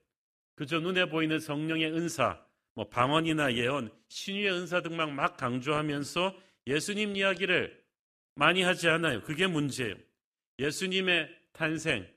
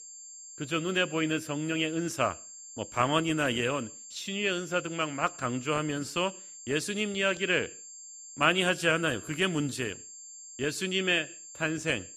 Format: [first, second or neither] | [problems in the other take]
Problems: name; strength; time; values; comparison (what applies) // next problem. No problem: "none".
first | high-pitched whine; noticeable; throughout; 7.5 kHz, 15 dB below the speech